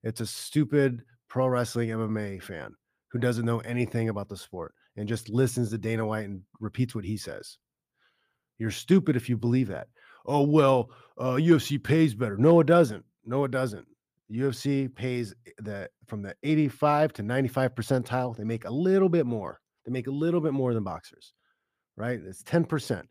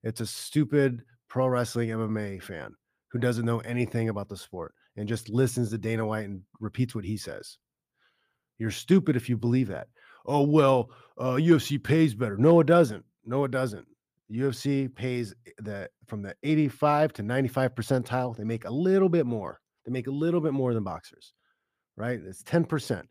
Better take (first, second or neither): neither